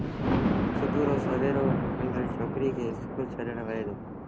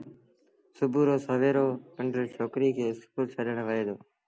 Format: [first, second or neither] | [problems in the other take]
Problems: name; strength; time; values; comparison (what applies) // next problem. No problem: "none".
second | background sound (Thunder); 3 dB above the speech